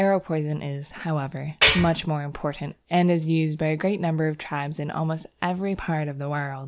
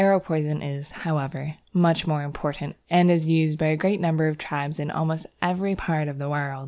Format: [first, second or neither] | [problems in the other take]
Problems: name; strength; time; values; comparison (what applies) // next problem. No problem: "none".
second | background sound (Tools); 5 dB above the speech